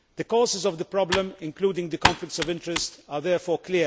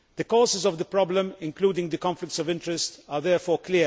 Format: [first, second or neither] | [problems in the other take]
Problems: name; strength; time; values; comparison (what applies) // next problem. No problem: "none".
second | background sound (Computer keyboard); 5 dB below the speech